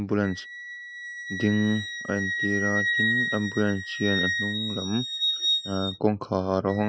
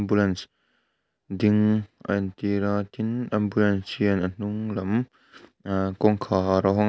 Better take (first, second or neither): second